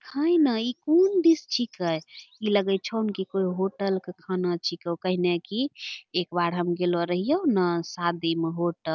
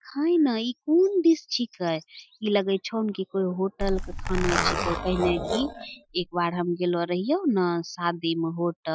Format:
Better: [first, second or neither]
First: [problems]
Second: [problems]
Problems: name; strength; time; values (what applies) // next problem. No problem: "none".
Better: first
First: none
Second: noise reduction (classical method Wiener filter)